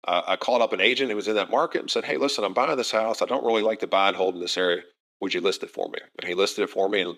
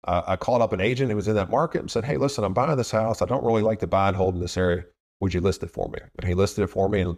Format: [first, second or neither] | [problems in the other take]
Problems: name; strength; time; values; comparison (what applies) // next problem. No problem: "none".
second | thin; somewhat; fading below 300 Hz